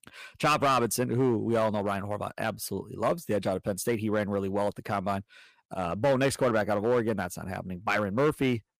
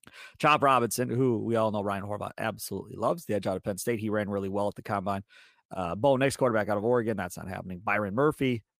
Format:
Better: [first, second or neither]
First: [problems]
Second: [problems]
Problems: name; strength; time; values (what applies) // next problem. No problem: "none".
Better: second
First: distortion; slight; 4% of the sound clipped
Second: none